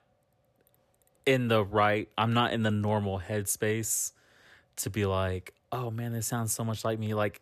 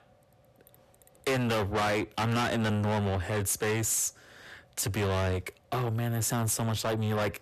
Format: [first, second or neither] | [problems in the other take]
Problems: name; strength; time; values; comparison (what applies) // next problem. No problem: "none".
first | distortion; heavy; 6 dB below the speech